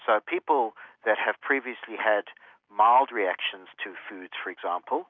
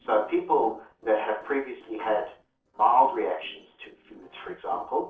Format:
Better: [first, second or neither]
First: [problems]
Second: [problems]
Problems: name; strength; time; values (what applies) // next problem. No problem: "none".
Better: first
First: none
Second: noise reduction (neural separator model SepFormer DNS4)